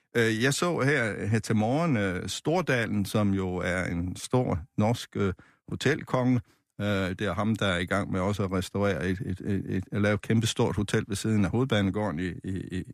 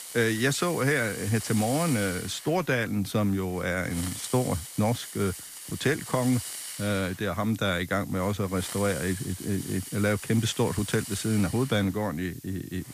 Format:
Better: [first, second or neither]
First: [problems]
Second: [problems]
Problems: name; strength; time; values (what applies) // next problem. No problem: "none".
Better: first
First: none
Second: hiss; noticeable; throughout; 10 dB below the speech